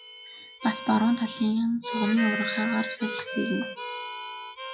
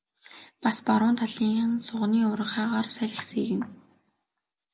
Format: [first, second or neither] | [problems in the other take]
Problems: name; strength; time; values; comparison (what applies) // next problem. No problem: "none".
second | noise reduction (classical method log-MMSE)